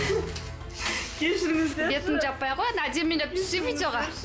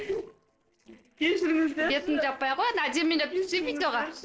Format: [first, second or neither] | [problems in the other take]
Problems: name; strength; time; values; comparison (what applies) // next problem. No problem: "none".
first | noise reduction (neural separator model SepFormer DNS4)